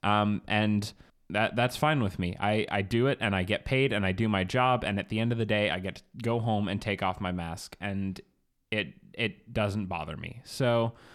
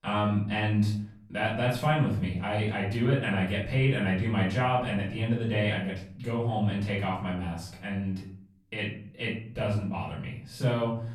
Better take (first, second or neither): first